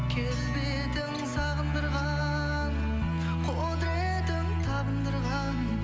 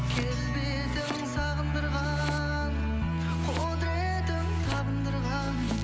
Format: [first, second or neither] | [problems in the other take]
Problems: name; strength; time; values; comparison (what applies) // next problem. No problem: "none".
first | background sound (Domestic sounds, home sounds); 15 dB below the speech